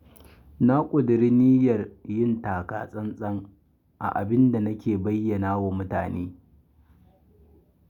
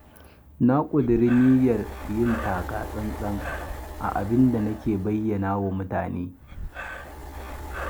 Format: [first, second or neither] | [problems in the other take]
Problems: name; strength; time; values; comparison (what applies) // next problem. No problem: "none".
first | background sound (Breathing); 11 dB below the speech